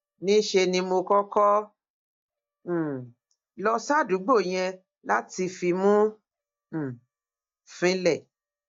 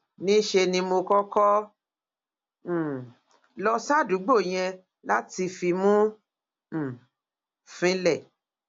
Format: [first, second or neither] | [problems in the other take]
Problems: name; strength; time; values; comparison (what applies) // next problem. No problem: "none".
second | noise reduction (neural mask model DeepFilterNet 3)